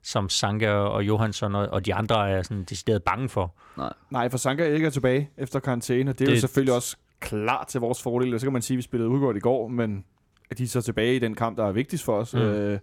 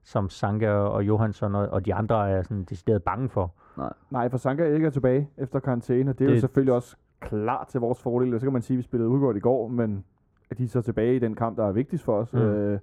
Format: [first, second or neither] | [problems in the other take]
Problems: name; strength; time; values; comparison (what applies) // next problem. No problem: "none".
first | muffled; very; fading above 1.5 kHz